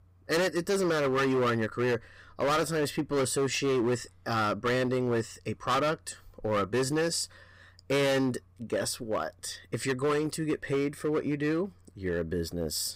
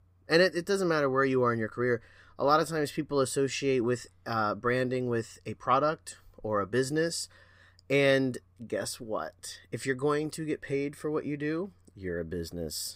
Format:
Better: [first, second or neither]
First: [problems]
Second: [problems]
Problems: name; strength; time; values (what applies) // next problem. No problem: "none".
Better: second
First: distortion; heavy; 14% of the sound clipped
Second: none